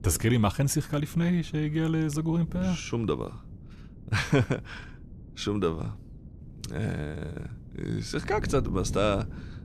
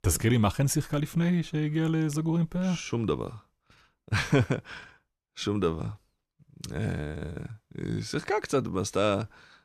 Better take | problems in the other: second | wind noise on the microphone; occasional gusts; 20 dB below the speech

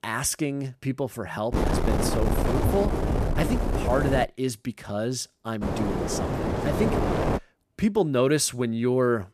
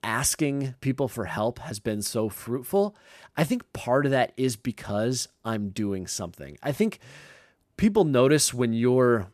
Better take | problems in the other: second | wind noise on the microphone; heavy; from 1.5 to 4 s and from 5.5 to 7.5 s; 1 dB below the speech

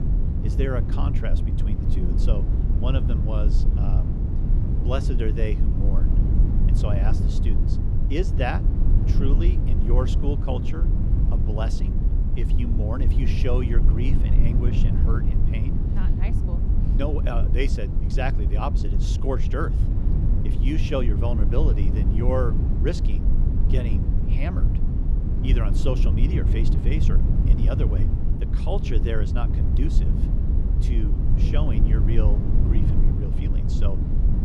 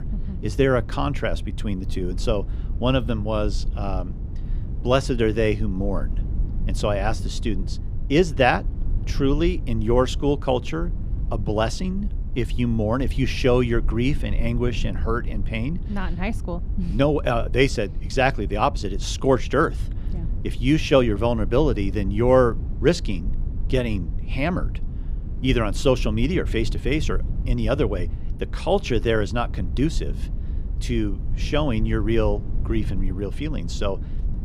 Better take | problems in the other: second | low rumble; loud; throughout; 3 dB below the speech; faint in the second

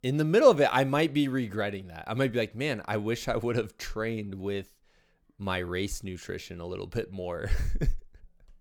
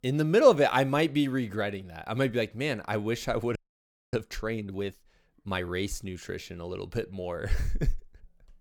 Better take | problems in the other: first | audio freezing; at 3.5 s for 0.5 s

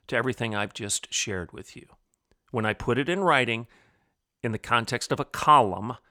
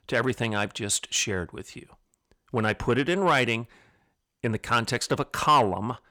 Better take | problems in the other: first | distortion; slight; 10 dB below the speech

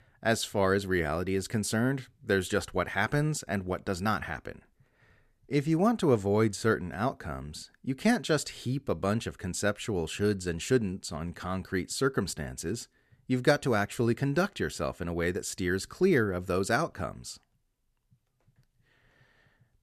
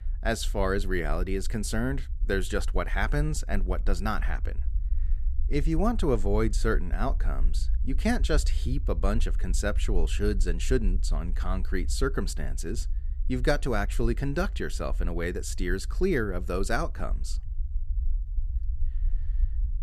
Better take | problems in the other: first | low rumble; faint; throughout; 25 dB below the speech

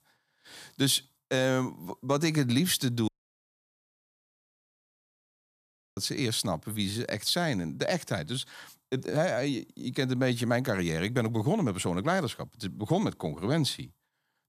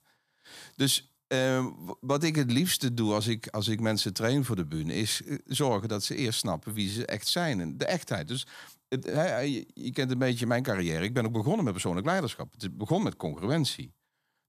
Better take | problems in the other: second | audio cutting out; at 3 s for 3 s

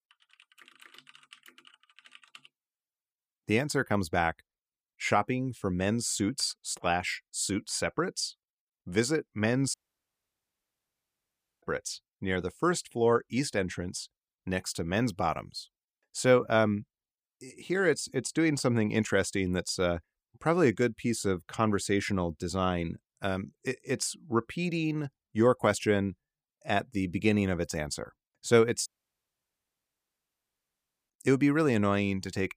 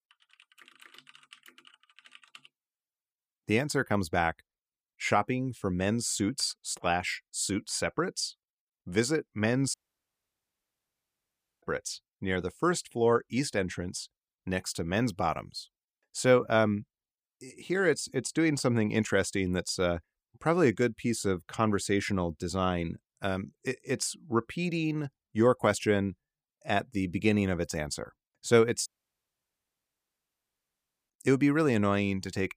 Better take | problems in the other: neither | audio cutting out; at 9.5 s for 2 s and at 29 s for 2 s; the same in both

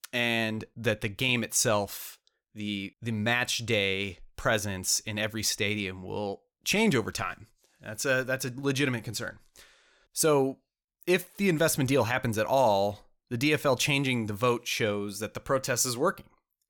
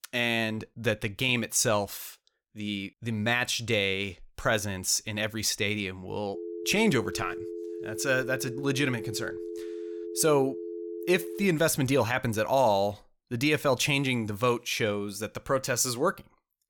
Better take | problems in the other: first | phone ringing; noticeable; from 6.5 to 11 s; peak 10 dB below the speech

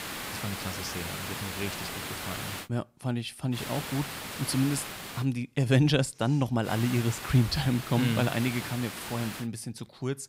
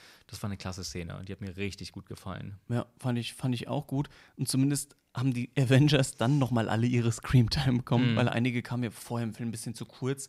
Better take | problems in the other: second | hiss; loud; until 2.5 s, from 3.5 to 5 s and from 6.5 to 9.5 s; 7 dB below the speech

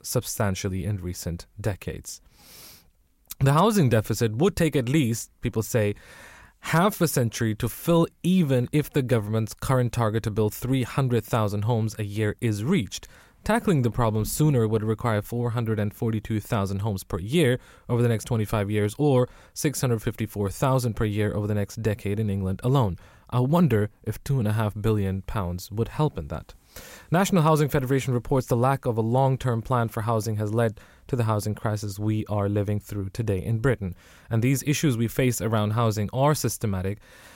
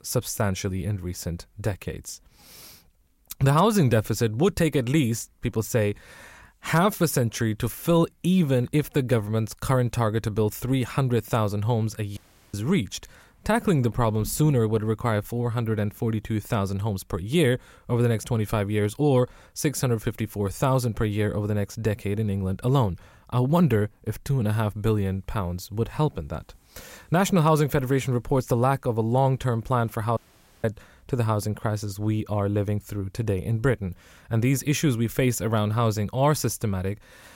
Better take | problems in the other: first | audio cutting out; at 12 s and at 30 s

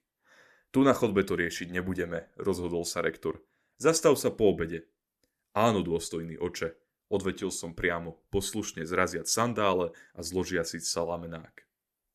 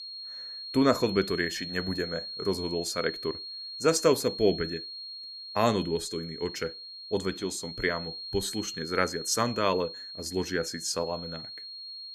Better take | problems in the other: first | high-pitched whine; loud; throughout; 4.5 kHz, 8 dB below the speech

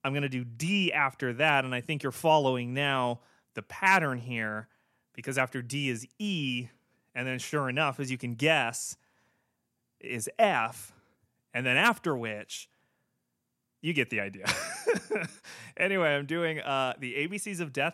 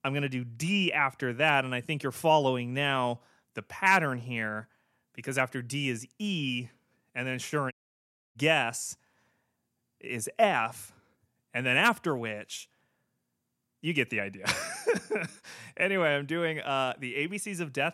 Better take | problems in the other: first | audio cutting out; at 7.5 s for 0.5 s

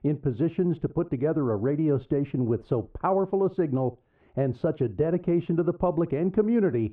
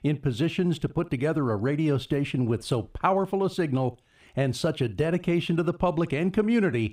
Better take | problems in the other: second | muffled; very; fading above 3.5 kHz

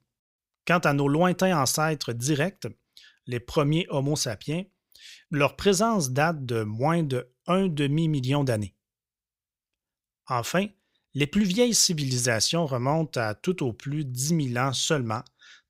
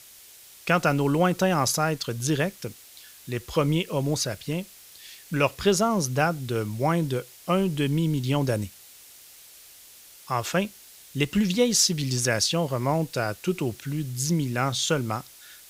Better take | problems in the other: first | hiss; faint; throughout; 20 dB below the speech

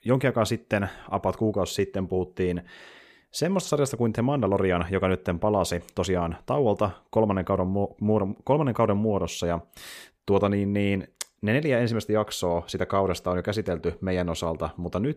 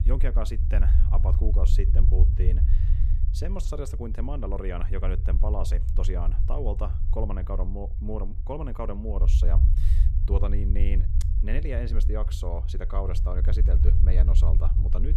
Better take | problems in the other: first | low rumble; loud; throughout; 7 dB below the speech

